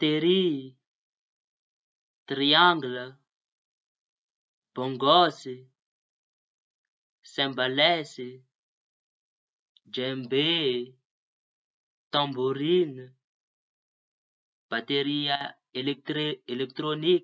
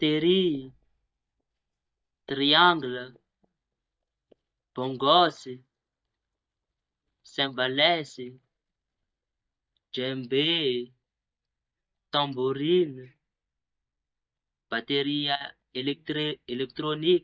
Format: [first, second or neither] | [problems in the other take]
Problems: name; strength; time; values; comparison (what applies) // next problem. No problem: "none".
first | noise reduction (neural mask model DeepFilterNet 3)